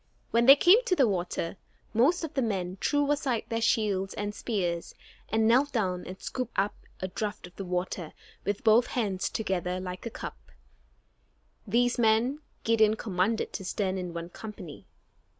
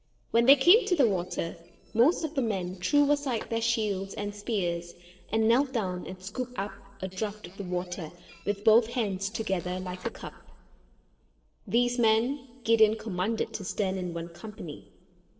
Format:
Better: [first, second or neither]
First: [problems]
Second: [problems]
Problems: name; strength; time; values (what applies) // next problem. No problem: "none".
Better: first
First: none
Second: noise reduction (neural separator model SepFormer DNS4)